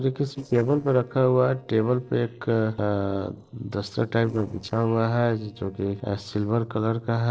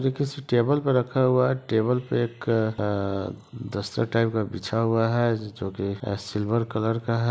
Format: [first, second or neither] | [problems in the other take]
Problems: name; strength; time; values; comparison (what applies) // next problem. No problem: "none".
second | noise reduction (neural separator model SepFormer DNS4)